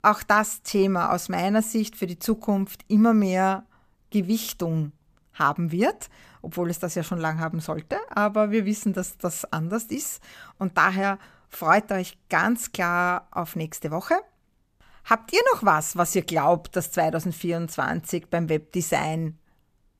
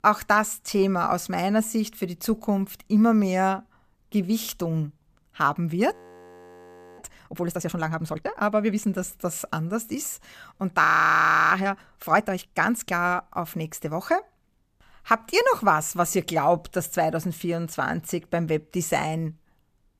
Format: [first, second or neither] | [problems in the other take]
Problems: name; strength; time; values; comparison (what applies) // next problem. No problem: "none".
first | audio freezing; at 6 s for 1 s and at 11 s for 0.5 s